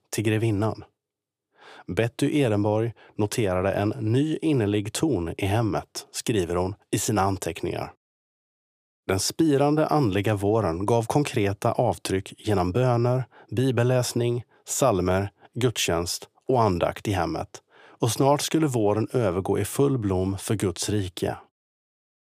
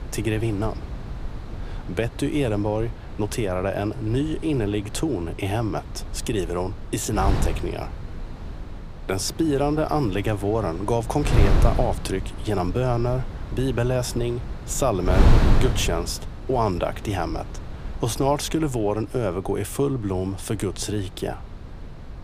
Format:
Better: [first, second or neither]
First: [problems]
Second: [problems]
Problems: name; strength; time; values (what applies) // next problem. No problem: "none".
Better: first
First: none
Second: wind noise on the microphone; occasional gusts; 10 dB below the speech